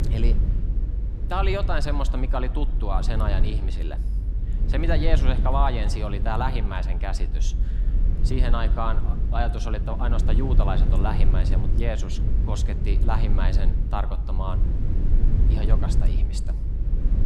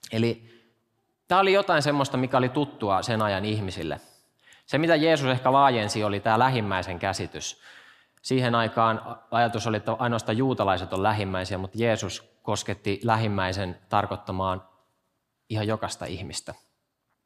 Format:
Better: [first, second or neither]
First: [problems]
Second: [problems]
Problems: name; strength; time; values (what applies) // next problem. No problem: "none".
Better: second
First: low rumble; loud; throughout; 10 dB below the speech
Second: none